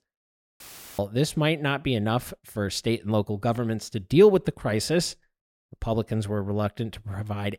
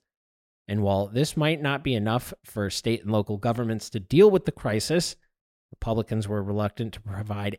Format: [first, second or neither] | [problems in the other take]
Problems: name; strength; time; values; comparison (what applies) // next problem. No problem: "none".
second | audio cutting out; filled with static; at 0.5 s